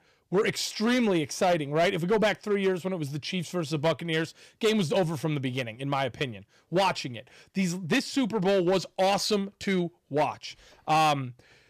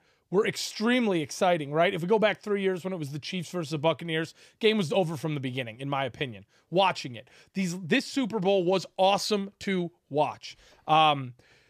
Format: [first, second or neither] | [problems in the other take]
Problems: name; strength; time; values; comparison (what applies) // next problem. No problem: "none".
second | distortion; slight; 6% of the sound clipped